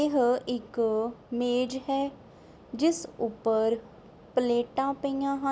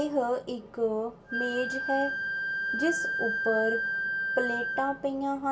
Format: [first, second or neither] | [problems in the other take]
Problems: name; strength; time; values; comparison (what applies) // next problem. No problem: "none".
first | background sound (Wind instrument, woodwind instrument); 2 dB below the speech // room echo; dies away in 0.2 s